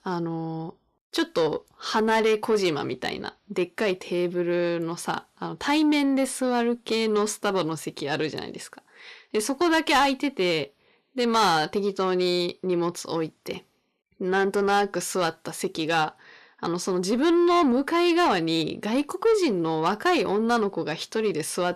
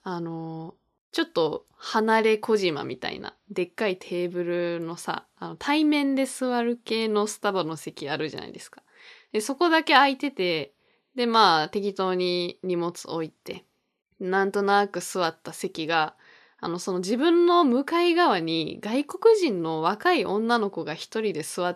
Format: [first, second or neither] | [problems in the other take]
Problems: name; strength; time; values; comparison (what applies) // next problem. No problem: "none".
second | distortion; slight; 10 dB below the speech